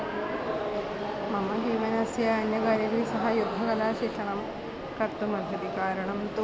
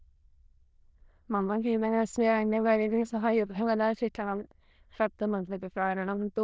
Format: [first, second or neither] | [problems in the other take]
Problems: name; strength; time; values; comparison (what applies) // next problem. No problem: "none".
first | noise reduction (neural diffusion model UNIVERSE++)